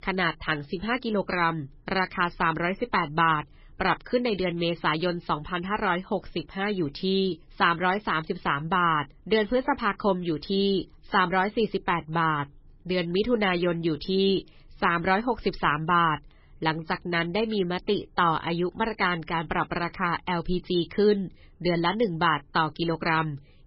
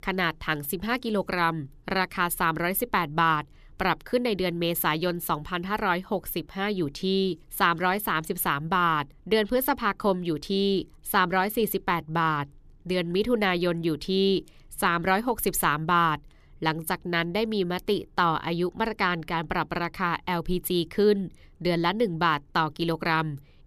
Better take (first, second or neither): second